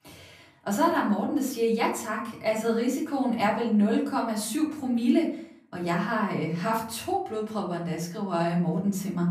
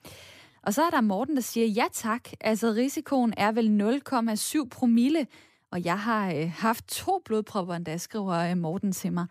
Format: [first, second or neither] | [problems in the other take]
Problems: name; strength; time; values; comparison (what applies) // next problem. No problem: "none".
second | off-mic speech; far // room echo; slight; dies away in 0.5 s